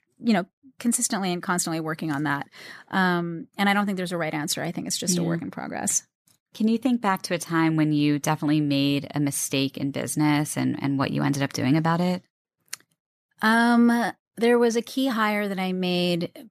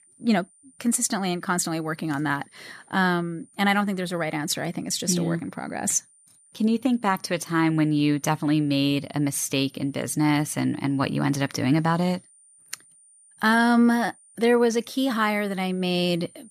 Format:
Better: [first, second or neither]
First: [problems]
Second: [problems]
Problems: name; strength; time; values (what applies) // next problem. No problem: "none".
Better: first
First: none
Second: high-pitched whine; faint; throughout; 9 kHz, 30 dB below the speech